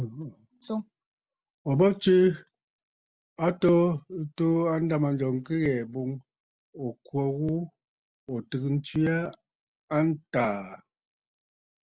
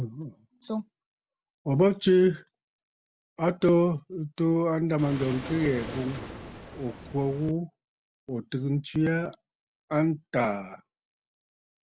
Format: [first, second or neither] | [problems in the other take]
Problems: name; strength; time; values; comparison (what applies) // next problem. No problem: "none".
first | background sound (Waves, surf); 11 dB below the speech